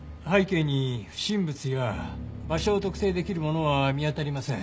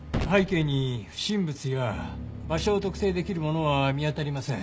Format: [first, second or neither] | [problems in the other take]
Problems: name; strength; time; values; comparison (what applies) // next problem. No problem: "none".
first | background sound (Gunshot, gunfire); 11 dB below the speech